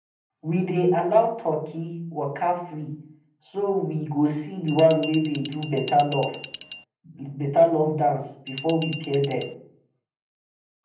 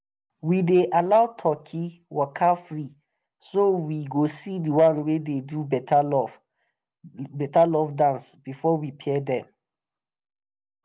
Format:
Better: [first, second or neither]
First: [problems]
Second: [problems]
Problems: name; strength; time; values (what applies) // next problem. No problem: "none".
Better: second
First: background sound (Glass); 13 dB below the speech // room echo; dies away in 0.6 s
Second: none